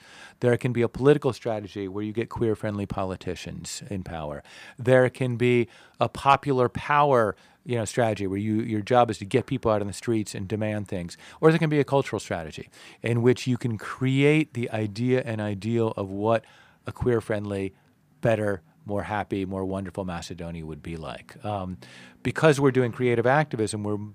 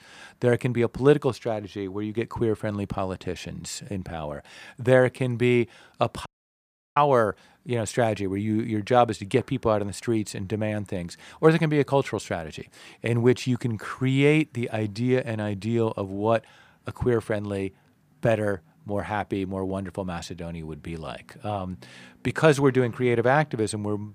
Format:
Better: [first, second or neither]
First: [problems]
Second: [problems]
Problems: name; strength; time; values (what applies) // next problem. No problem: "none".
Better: first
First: none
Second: audio cutting out; at 6.5 s for 0.5 s